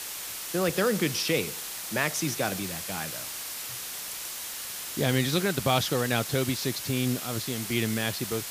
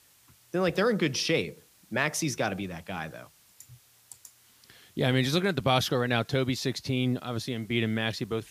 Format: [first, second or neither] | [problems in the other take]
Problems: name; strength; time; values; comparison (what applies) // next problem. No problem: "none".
second | hiss; loud; throughout; 5 dB below the speech; faint in the second